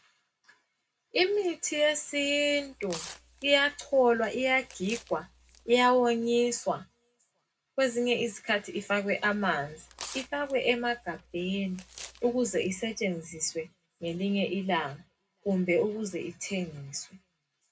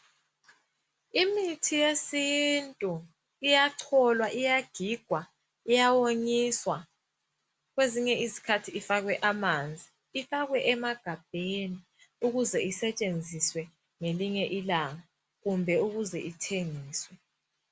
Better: second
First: background sound (Tearing); 19 dB below the speech // room echo; dies away in 0.2 s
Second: none

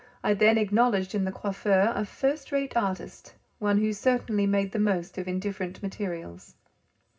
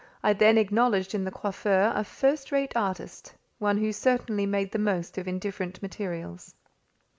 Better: second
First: room echo; dies away in 0.4 s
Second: none

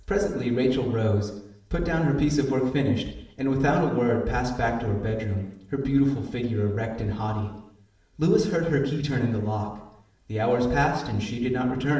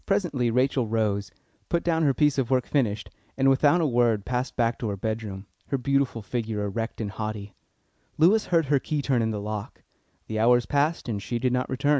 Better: second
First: room echo; dies away in 0.8 s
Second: none

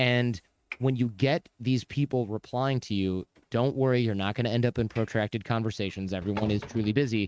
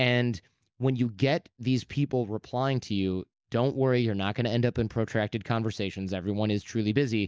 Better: second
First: noise reduction (neural mask model RNNoise)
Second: none

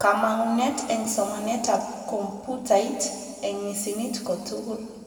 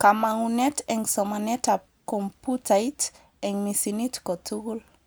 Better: second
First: room echo; dies away in 2.4 s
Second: none

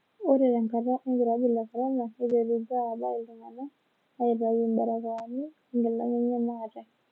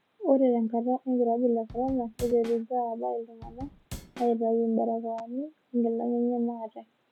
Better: first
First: none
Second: background sound (Drum / Drum kit); 15 dB below the speech

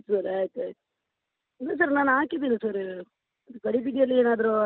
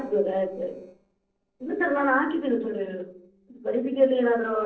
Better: first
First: none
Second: noise reduction (neural separator model SepFormer DNS4)

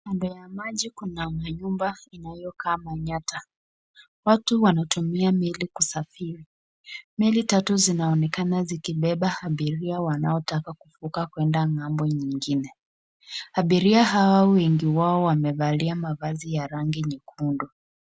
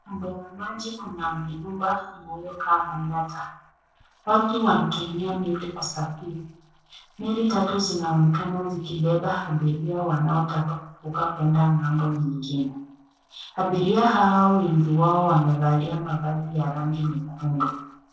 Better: first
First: none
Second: noise reduction (neural separator model SepFormer DNS4)

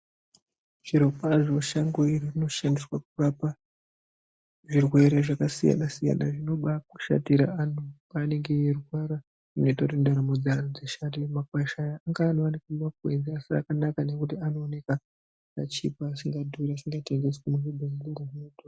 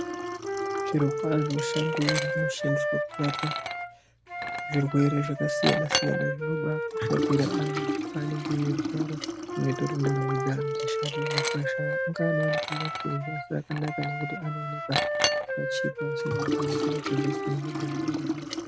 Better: first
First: none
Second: background sound (Liquid + Wind instrument, woodwind instrument); 1 dB above the speech

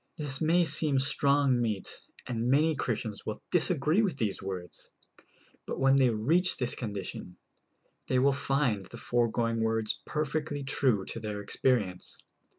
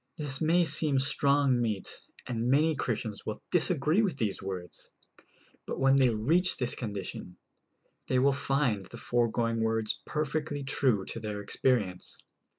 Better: first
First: none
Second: noise reduction (neural mask model Resemble Enhance denoiser)

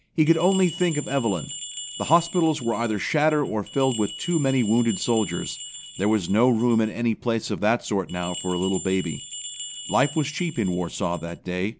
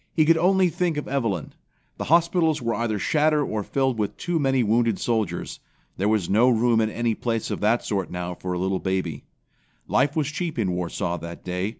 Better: second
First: background sound (Bell); 13 dB below the speech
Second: none

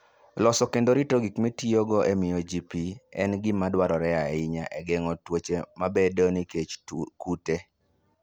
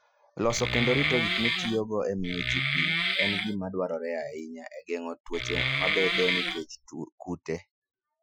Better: first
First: none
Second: noise reduction (classical method Wiener filter)

